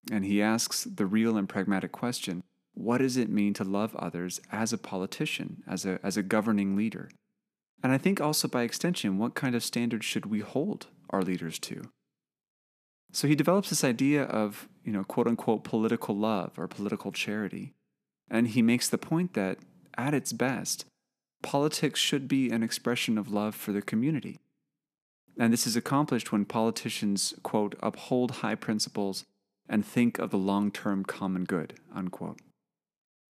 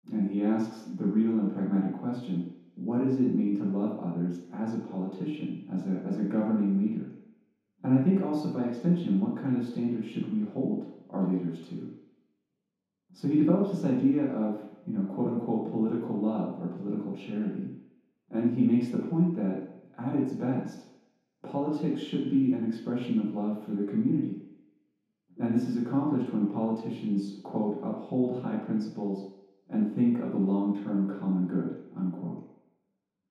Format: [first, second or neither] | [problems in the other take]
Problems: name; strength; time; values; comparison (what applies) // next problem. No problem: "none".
first | room echo; strong; dies away in 0.8 s // off-mic speech; far